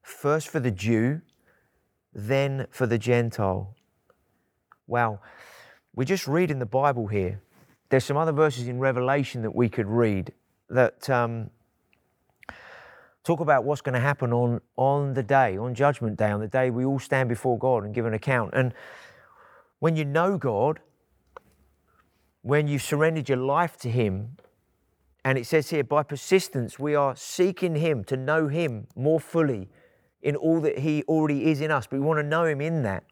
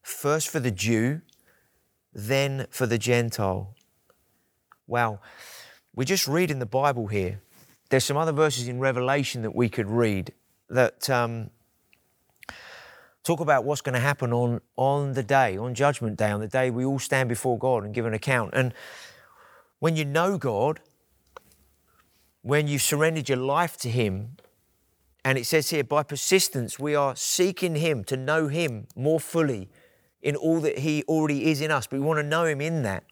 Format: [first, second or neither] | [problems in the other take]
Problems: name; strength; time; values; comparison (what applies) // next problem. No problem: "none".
second | muffled; slightly; fading above 3 kHz